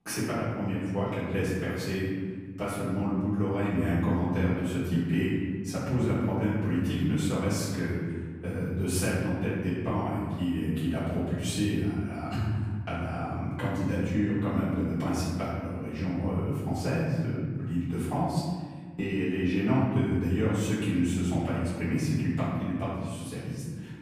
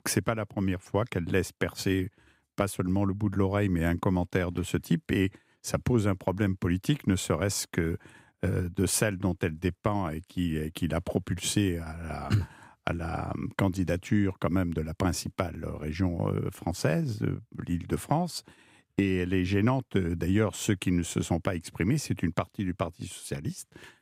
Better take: second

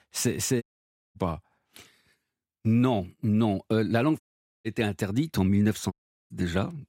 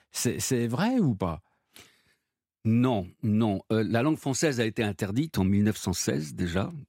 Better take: second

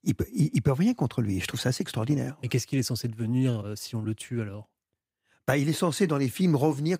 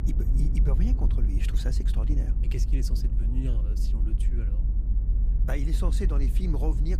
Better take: first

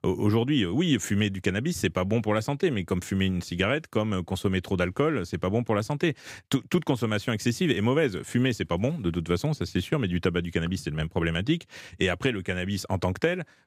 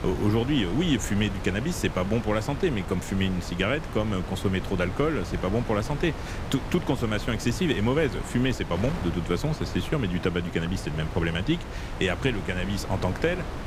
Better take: first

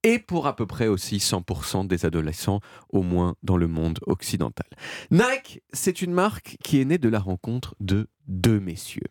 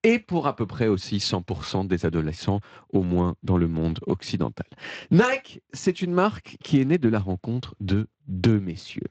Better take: first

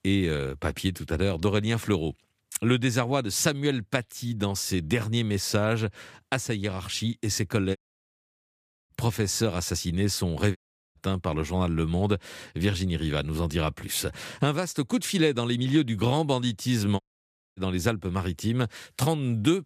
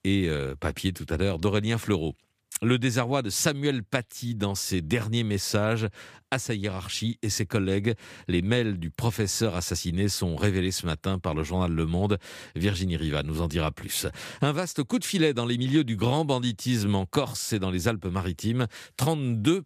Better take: second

